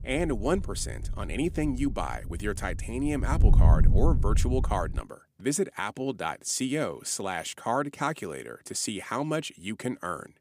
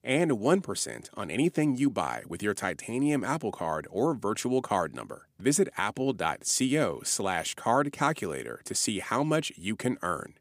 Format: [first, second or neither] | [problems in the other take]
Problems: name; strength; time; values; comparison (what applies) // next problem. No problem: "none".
second | wind noise on the microphone; occasional gusts; until 5 s; 15 dB below the speech